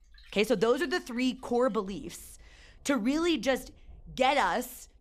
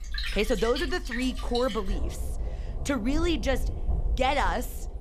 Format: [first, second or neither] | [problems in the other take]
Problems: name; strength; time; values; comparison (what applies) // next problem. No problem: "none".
first | rain or running water; loud; throughout; 6 dB below the speech; faint in the first